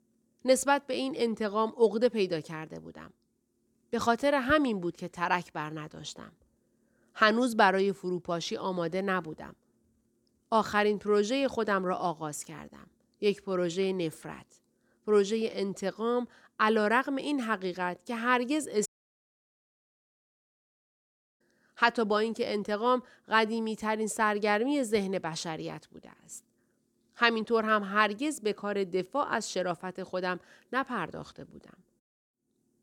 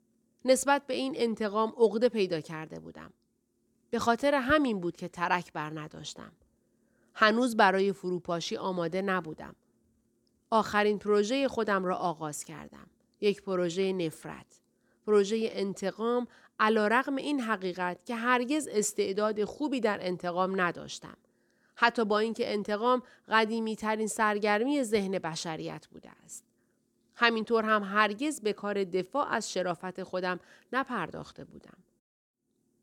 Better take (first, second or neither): second